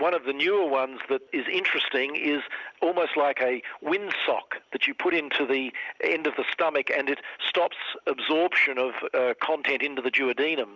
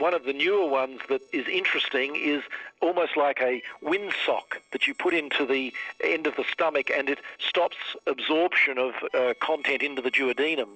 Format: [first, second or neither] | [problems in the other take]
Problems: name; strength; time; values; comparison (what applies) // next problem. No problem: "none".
first | noise reduction (neural separator model SepFormer DNS4)